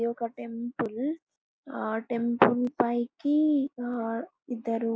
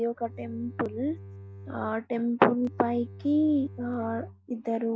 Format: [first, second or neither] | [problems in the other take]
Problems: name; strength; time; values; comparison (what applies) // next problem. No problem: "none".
first | background sound (Bowed string instrument); 16 dB below the speech